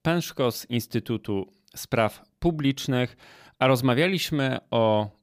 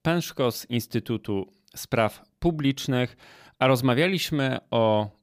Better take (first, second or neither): neither